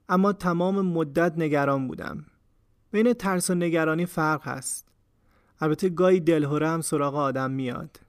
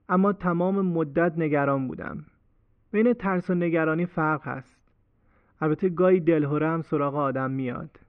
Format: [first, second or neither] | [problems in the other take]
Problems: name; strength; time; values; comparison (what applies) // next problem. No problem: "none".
first | muffled; very; fading above 2.5 kHz